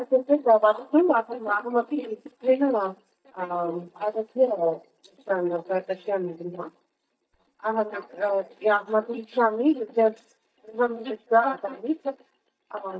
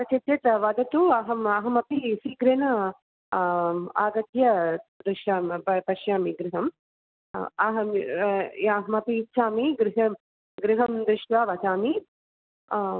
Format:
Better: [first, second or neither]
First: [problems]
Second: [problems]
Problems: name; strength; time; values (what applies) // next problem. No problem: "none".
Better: second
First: noise reduction (neural mask model DeepFilterNet 3)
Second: none